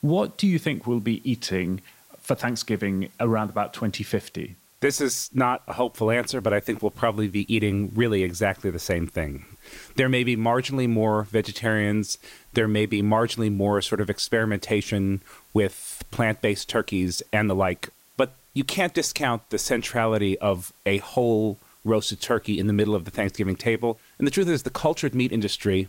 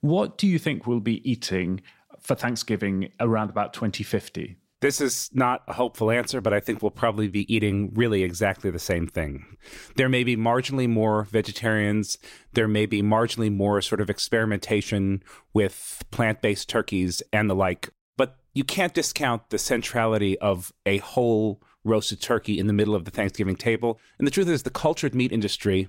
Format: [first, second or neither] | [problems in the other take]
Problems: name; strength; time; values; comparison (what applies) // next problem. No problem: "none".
second | hiss; faint; throughout; 30 dB below the speech